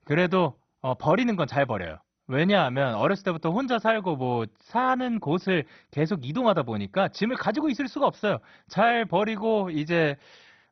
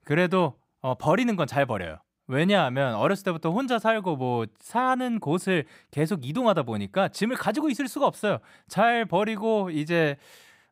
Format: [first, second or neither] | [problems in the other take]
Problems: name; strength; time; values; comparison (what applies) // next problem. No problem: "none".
second | garbled, watery; badly; nothing above 6 kHz